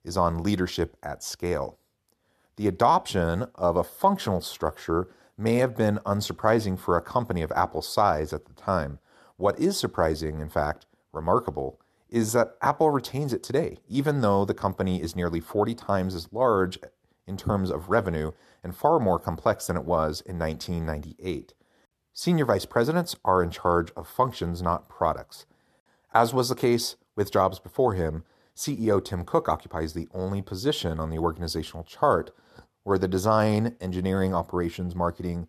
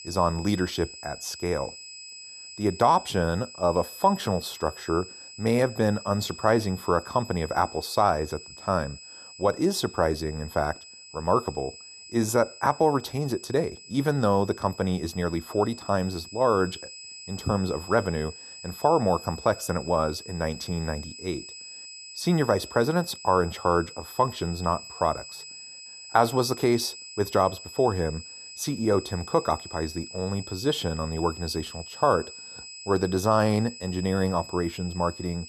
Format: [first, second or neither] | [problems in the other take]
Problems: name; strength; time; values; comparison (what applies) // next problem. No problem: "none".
first | high-pitched whine; noticeable; throughout; 5 kHz, 15 dB below the speech